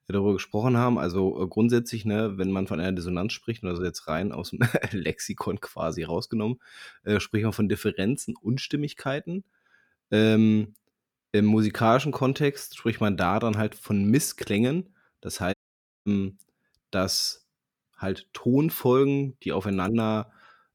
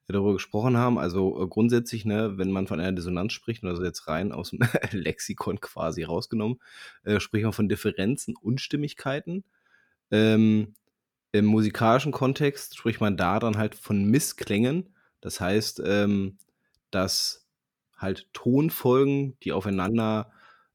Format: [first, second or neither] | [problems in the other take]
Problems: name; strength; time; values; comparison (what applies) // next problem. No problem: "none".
second | audio cutting out; at 16 s for 0.5 s